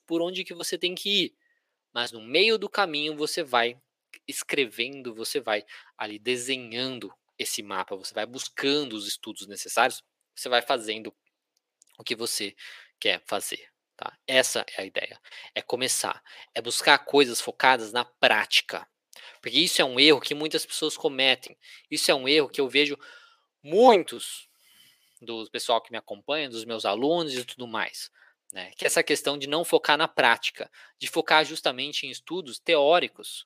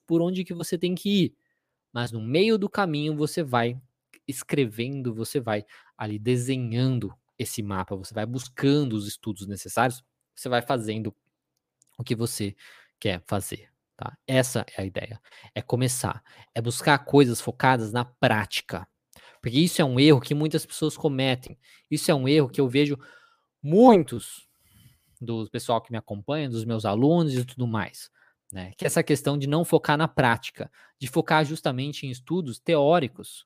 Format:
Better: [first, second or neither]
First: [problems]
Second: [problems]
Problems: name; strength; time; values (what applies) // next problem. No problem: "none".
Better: second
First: thin; somewhat; fading below 450 Hz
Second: none